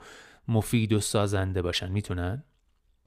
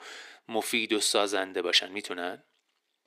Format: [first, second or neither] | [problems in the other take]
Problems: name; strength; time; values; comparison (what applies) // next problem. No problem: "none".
first | thin; very; fading below 300 Hz